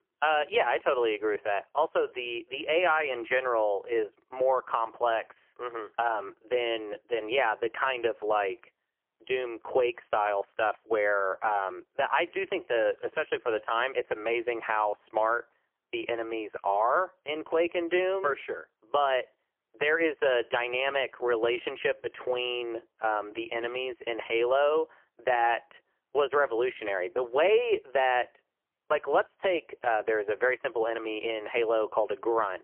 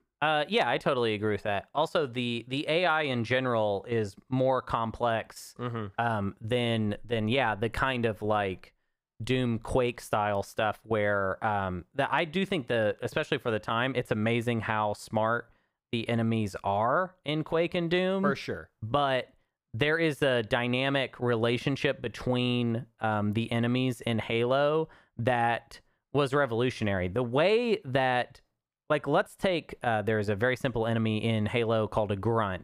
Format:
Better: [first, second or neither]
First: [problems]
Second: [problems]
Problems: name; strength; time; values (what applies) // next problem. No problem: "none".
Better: second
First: phone-call audio; poor line; nothing above 3 kHz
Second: none